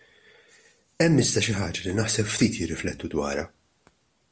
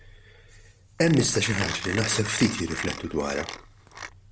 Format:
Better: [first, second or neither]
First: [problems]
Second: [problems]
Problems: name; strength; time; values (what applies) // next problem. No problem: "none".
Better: first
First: none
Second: background sound (Mechanisms); 9 dB below the speech